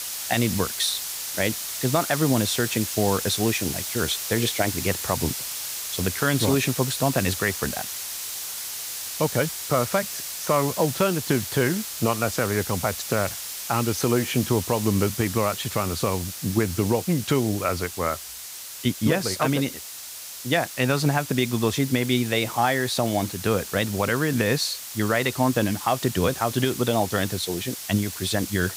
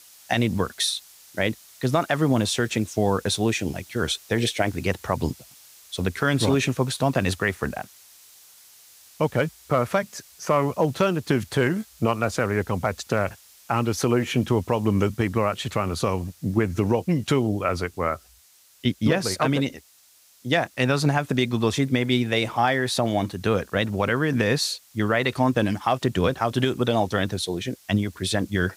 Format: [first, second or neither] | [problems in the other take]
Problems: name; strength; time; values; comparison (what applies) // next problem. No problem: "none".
second | hiss; loud; throughout; 6 dB below the speech; faint in the second